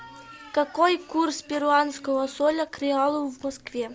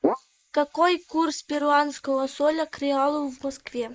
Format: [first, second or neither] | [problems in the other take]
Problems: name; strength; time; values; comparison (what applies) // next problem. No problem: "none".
first | noise reduction (neural mask model Resemble Enhance denoiser)